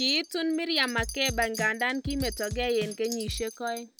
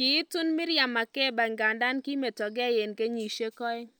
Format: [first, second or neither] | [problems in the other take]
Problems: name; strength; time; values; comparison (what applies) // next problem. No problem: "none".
second | background sound (Drum / Drum kit + Wind chime); 9 dB below the speech